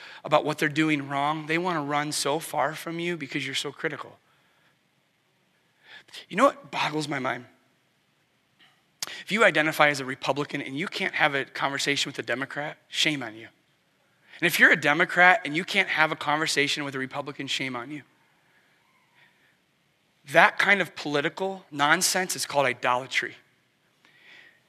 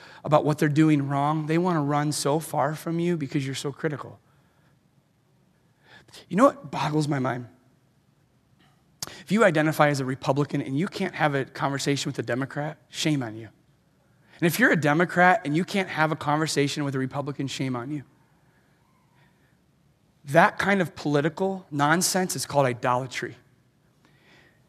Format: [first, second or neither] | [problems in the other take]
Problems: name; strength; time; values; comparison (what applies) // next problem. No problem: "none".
second | thin; somewhat; fading below 450 Hz